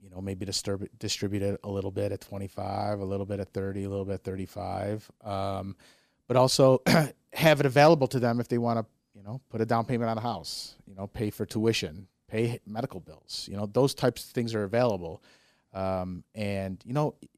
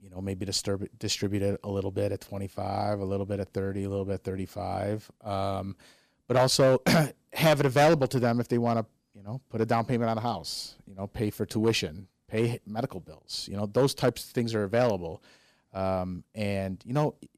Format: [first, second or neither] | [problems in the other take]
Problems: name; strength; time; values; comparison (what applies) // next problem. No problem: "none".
first | distortion; slight; 1.6% of the sound clipped